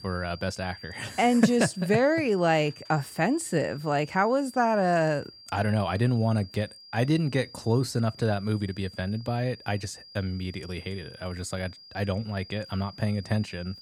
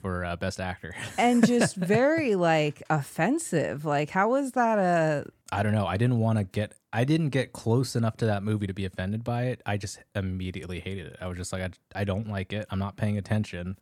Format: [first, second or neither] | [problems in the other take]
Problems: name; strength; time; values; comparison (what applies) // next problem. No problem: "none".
second | high-pitched whine; noticeable; throughout; 5 kHz, 20 dB below the speech